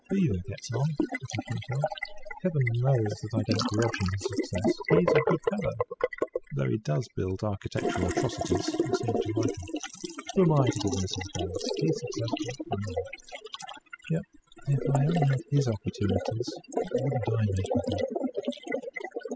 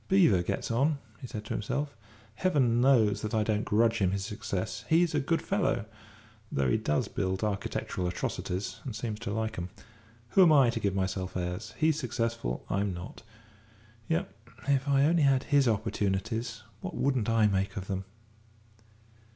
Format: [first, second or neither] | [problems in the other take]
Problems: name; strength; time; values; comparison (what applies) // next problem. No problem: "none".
second | noise reduction (classical method spectral subtraction)